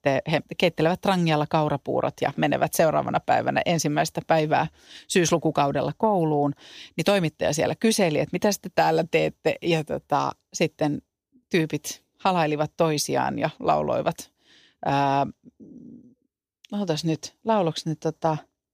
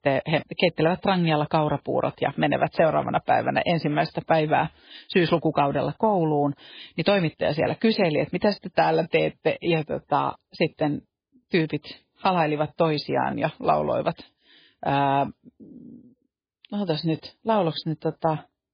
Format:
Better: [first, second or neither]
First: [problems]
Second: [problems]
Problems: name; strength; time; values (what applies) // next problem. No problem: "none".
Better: first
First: none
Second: garbled, watery; badly; nothing above 4 kHz